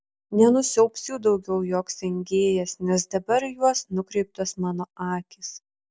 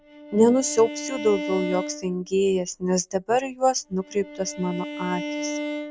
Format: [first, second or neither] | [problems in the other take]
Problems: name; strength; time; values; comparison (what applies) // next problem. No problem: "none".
first | background sound (Bowed string instrument); 9 dB below the speech